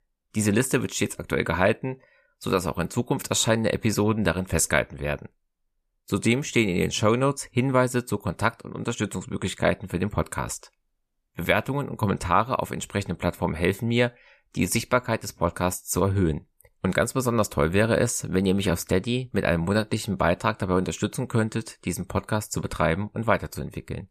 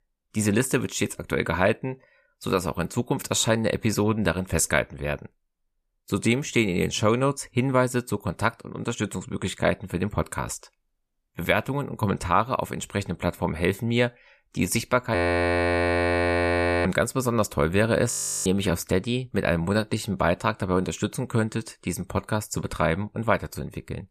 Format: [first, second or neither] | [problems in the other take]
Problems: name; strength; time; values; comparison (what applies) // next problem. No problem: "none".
first | audio freezing; at 15 s for 1.5 s and at 18 s